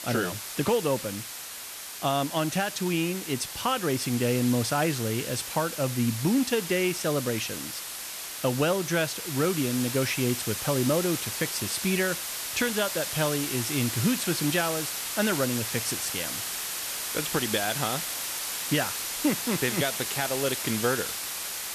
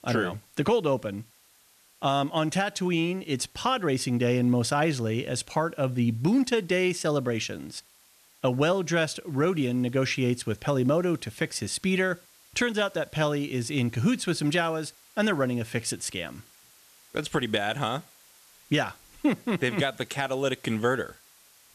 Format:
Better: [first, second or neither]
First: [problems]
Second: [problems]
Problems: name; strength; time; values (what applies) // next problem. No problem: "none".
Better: second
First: hiss; loud; throughout; 3 dB below the speech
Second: hiss; faint; throughout; 25 dB below the speech